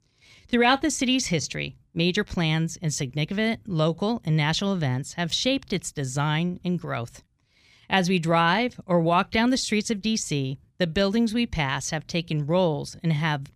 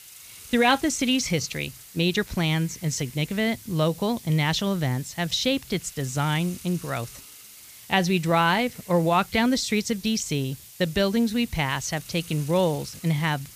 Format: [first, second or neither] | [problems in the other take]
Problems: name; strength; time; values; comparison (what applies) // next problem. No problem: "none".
first | hiss; noticeable; throughout; 20 dB below the speech